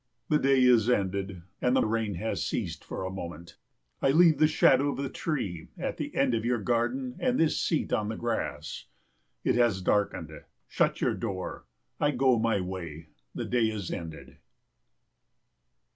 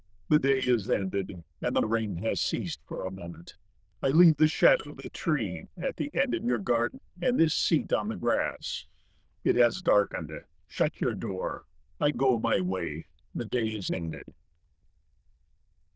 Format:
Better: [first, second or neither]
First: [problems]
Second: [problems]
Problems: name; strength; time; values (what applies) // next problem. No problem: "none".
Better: first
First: none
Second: noise reduction (neural diffusion model UNIVERSE++)